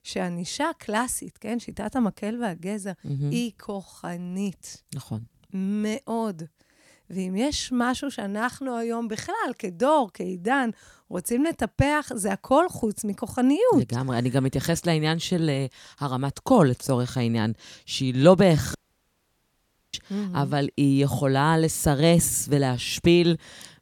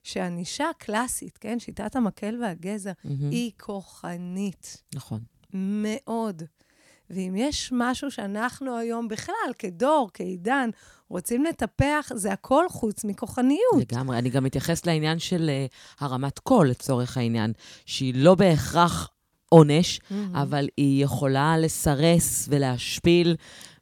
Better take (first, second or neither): second